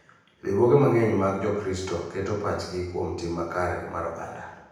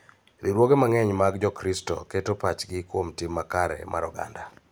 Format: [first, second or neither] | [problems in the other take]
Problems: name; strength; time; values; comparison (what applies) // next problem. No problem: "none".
second | room echo; dies away in 0.9 s